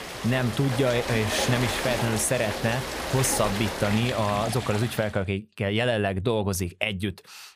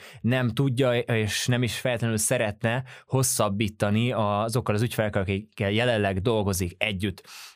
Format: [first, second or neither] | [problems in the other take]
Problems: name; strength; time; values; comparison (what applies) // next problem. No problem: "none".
second | rain or running water; loud; until 5 s; 5 dB below the speech